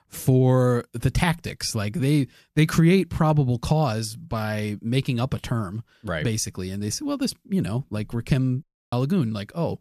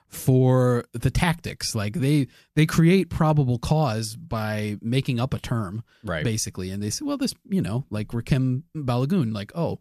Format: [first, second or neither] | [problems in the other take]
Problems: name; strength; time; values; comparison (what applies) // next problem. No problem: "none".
second | audio cutting out; at 8.5 s